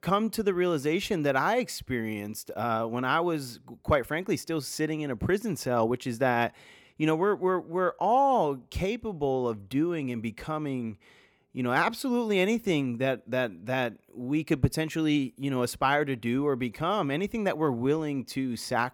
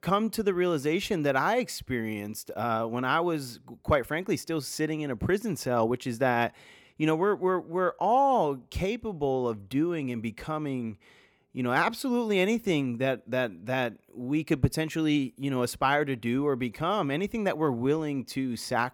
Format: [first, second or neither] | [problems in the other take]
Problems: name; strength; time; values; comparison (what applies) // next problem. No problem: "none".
neither | none